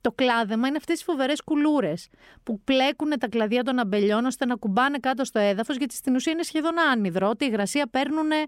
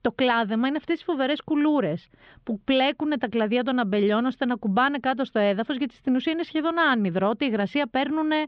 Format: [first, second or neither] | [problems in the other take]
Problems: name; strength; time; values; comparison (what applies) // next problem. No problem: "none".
first | muffled; slightly; fading above 3.5 kHz